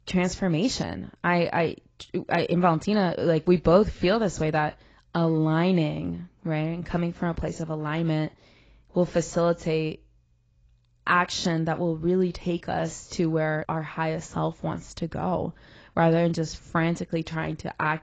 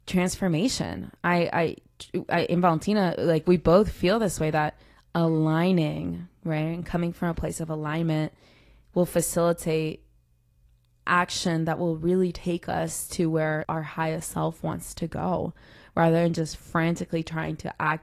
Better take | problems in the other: second | garbled, watery; badly; nothing above 7.5 kHz; slightly in the second

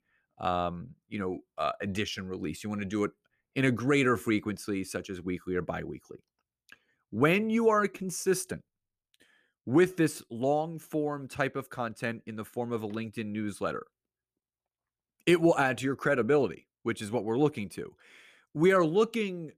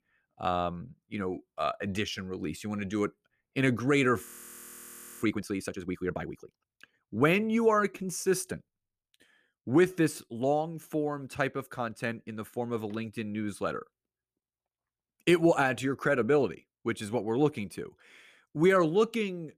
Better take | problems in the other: first | audio freezing; at 4.5 s for 1 s

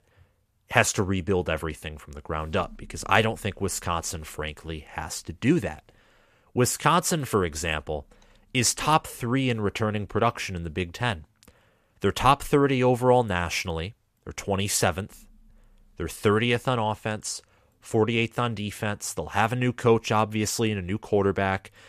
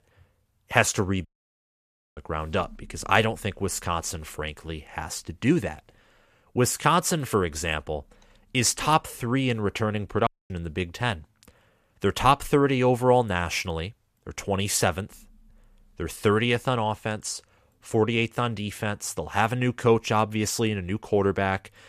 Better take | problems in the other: first | audio cutting out; at 1.5 s for 1 s and at 10 s

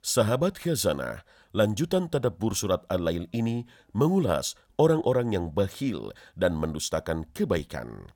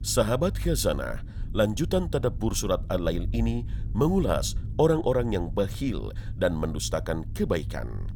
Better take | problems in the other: first | low rumble; faint; throughout; 20 dB below the speech

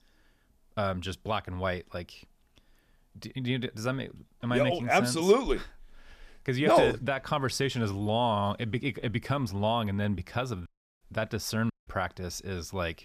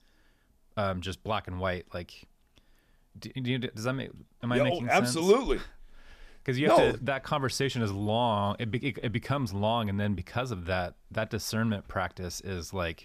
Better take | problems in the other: second | audio cutting out; at 11 s and at 12 s

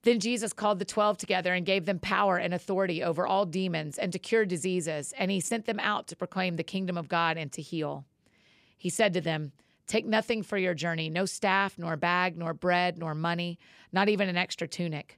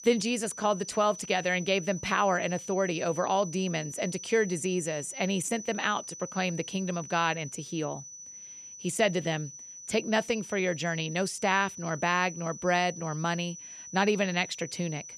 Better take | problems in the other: first | high-pitched whine; noticeable; throughout; 6 kHz, 10 dB below the speech

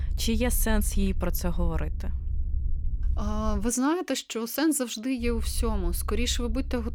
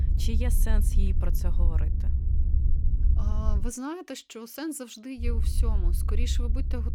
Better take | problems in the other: first | low rumble; loud; until 3.5 s and from 5 s on; 7 dB below the speech; faint in the first

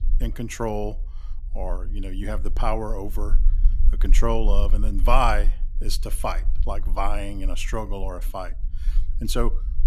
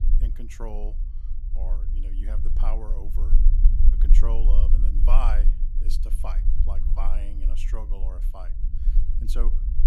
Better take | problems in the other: first | low rumble; loud; throughout; 9 dB below the speech; faint in the first

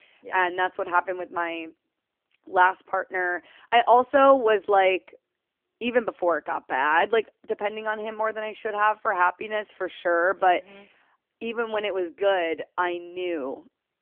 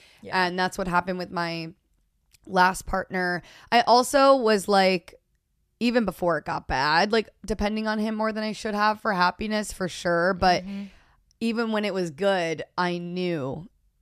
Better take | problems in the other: second | phone-call audio; nothing above 3 kHz

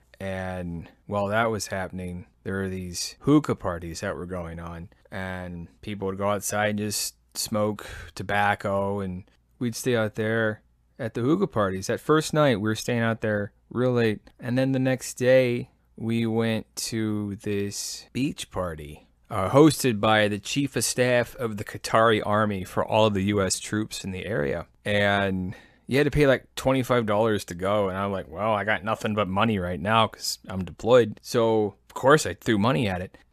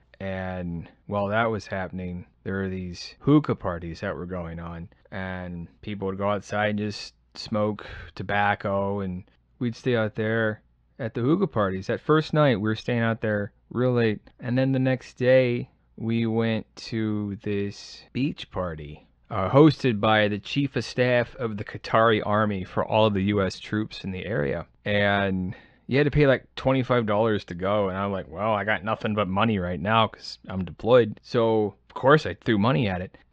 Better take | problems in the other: first | muffled; slightly; fading above 4.5 kHz

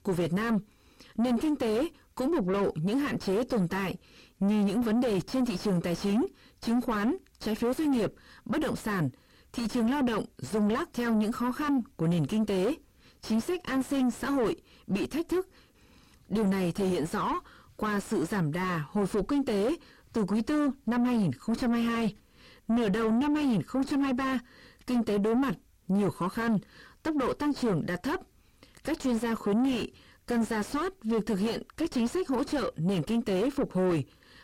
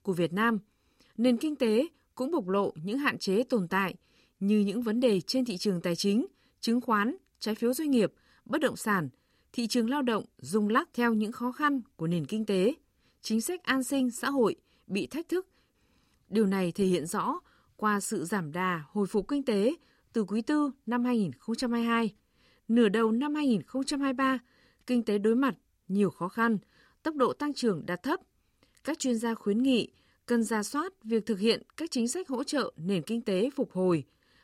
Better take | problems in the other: second | distortion; heavy; 4 dB below the speech

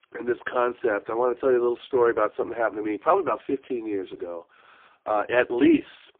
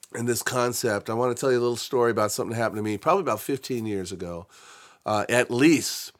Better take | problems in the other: second | phone-call audio; poor line

